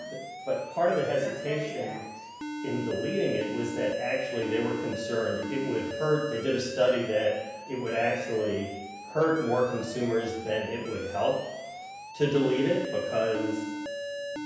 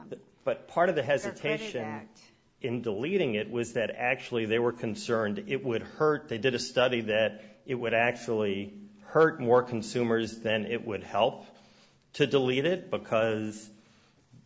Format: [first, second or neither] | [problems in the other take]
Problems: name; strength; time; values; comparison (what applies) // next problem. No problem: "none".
second | background sound (Alarm); 8 dB below the speech // room echo; dies away in 0.9 s